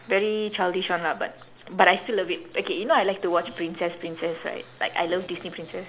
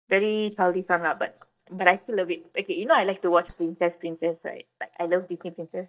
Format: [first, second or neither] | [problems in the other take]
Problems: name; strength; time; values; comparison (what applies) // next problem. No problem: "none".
first | noise reduction (neural mask model DeepFilterNet 3)